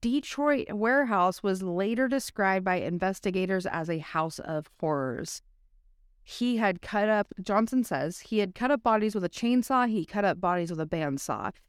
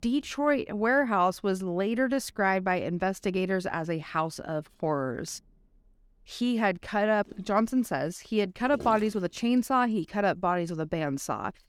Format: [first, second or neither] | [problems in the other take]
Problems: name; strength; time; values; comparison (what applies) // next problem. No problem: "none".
first | rain or running water; faint; throughout; 20 dB below the speech